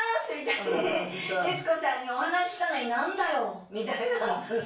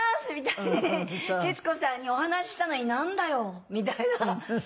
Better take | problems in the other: second | room echo; dies away in 0.3 s

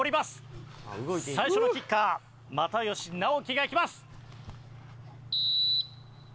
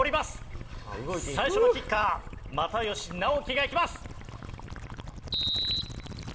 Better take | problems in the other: first | background sound (Gurgling / Liquid); 10 dB below the speech // room echo; dies away in 1.1 s

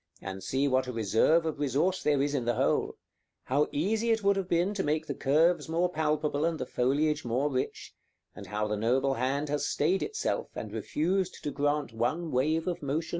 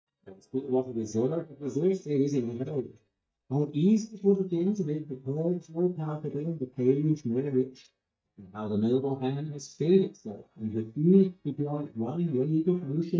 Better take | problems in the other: first | noise reduction (neural mask model DeepFilterNet 3)

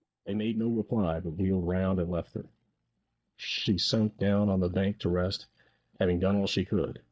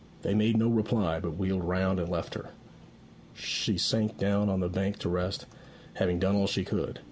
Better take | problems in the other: second | noise reduction (neural mask model DeepFilterNet 3)

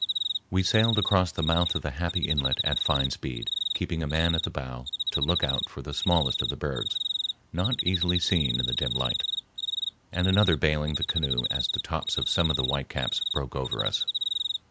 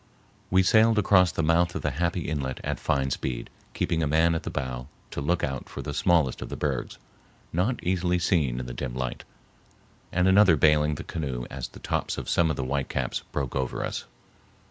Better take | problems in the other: second | background sound (Cricket); 2 dB below the speech

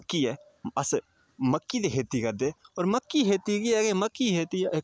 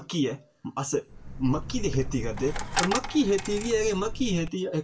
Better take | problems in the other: first | background sound (Coin (dropping)); 5 dB below the speech // room echo; dies away in 0.2 s

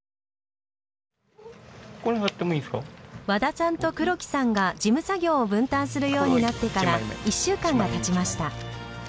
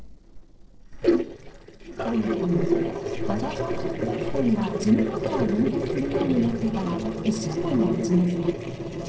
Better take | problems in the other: first | noise reduction (neural separator model SepFormer DNS4)

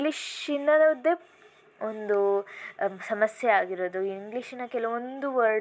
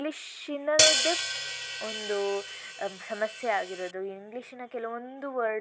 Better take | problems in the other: first | background sound (Hi-hat); 3 dB above the speech

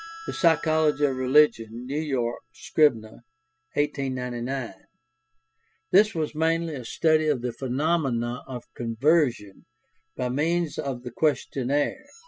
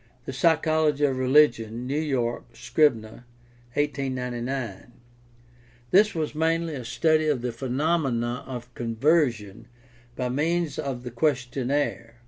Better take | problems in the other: second | noise reduction (classical method spectral subtraction)

